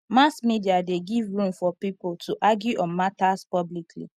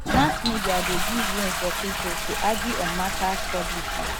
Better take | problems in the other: first | background sound (Toilet flush); 2 dB above the speech

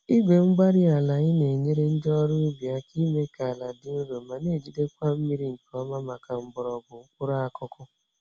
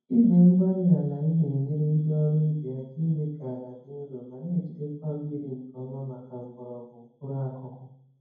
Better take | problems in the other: first | room echo; dies away in 0.9 s

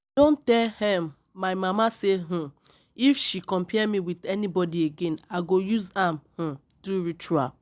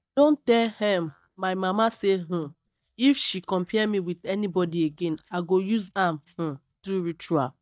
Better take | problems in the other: first | noise reduction (neural mask model DeepFilterNet 3)

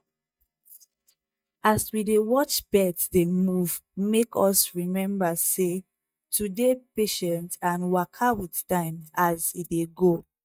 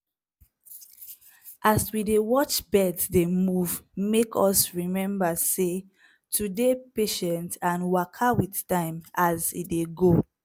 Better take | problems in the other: second | noise reduction (neural mask model DeepFilterNet 3)

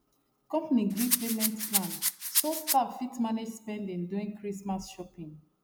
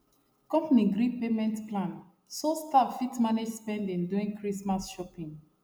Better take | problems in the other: second | background sound (Rattle); 2 dB above the speech

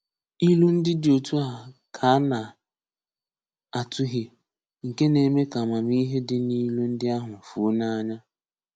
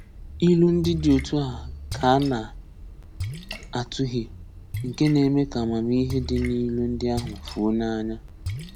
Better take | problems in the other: first | background sound (Splash, splatter); 11 dB below the speech

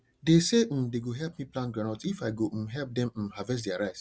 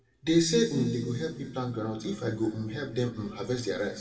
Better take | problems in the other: first | room echo; dies away in 2 s

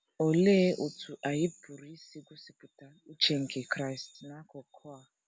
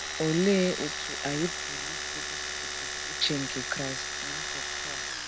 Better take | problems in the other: first | background sound (Domestic sounds, home sounds); 2 dB below the speech

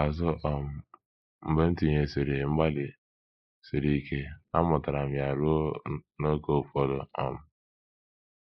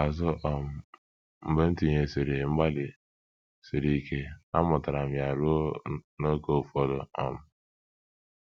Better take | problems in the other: second | noise reduction (neural mask model Resemble Enhance denoiser)

